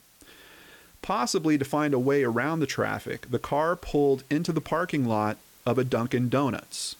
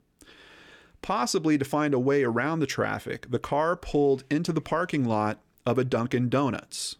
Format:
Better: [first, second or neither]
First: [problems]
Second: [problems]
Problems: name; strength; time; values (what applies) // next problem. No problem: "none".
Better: second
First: hiss; faint; throughout; 25 dB below the speech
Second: none